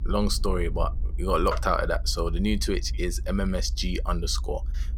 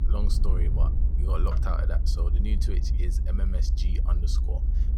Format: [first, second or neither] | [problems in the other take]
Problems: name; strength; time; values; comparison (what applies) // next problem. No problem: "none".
first | low rumble; loud; throughout; 5 dB below the speech; faint in the first